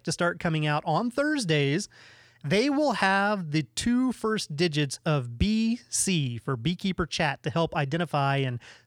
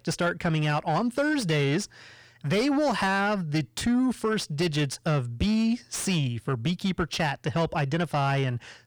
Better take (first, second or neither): first